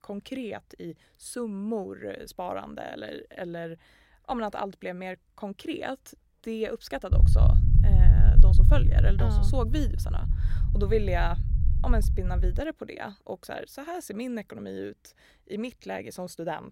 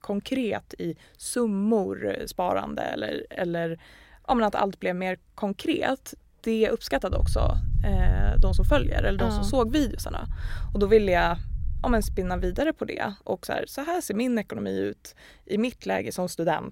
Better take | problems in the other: second | low rumble; loud; from 7 to 13 s; 6 dB below the speech; faint in the second

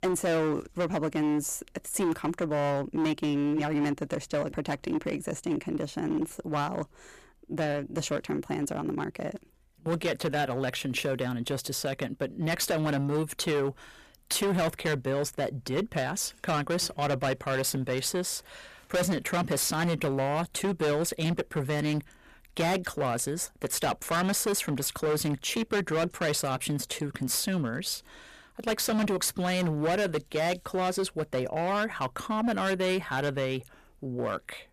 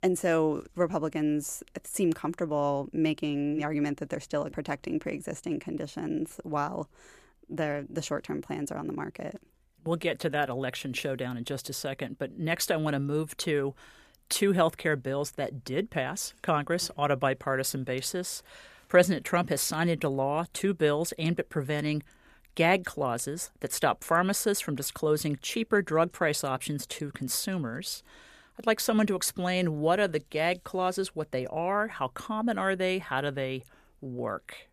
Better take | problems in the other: second | distortion; heavy; 14% of the sound clipped

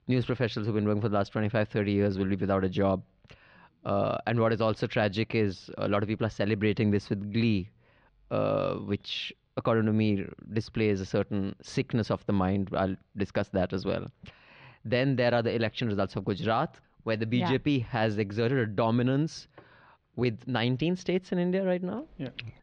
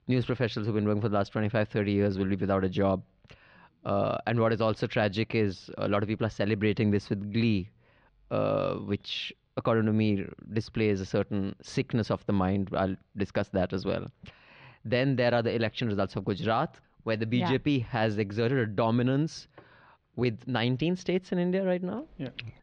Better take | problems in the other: neither | muffled; slightly; fading above 4 kHz; the same in both

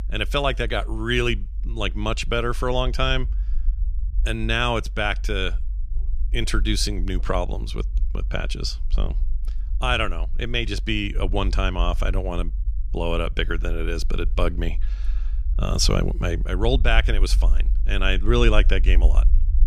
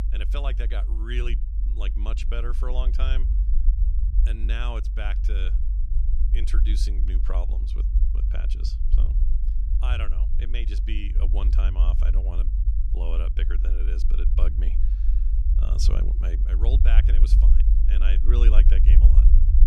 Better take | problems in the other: first | low rumble; loud; throughout; 7 dB below the speech; faint in the first

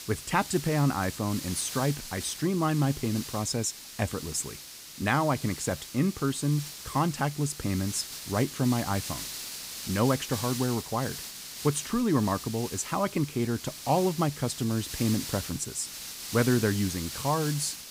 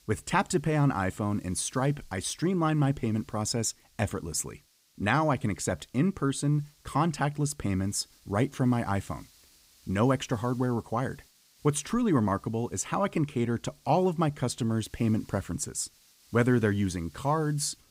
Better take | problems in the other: second | hiss; loud; throughout; 9 dB below the speech; faint in the second

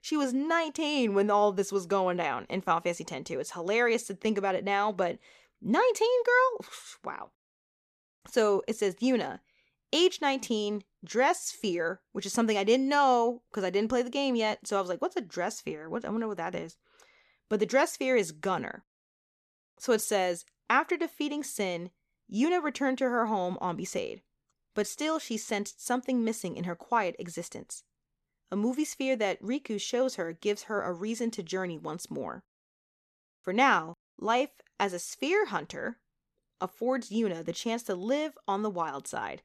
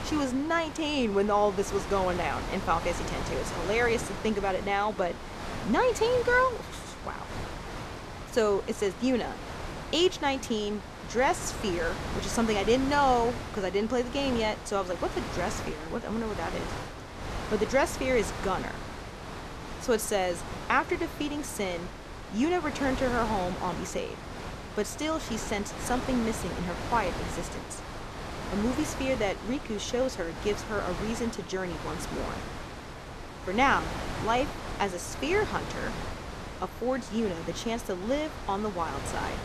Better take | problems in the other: first | wind noise on the microphone; heavy; 9 dB below the speech

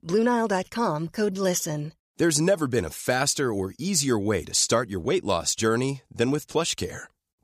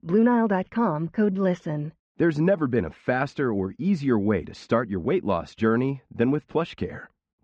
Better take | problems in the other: first | muffled; very; fading above 2.5 kHz

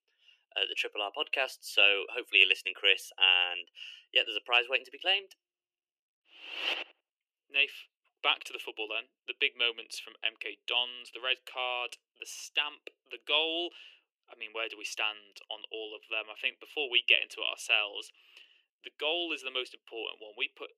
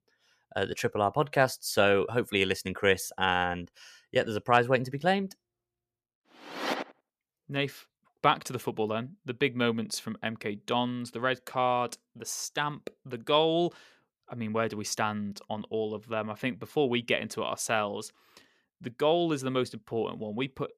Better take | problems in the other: second | thin; very; fading below 300 Hz

